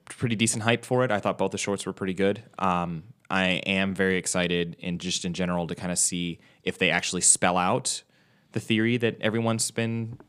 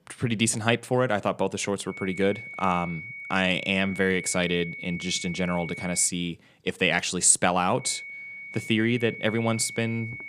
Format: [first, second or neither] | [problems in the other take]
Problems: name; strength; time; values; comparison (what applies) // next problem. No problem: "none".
first | high-pitched whine; noticeable; from 2 to 6 s and from 8 s on; 2 kHz, 10 dB below the speech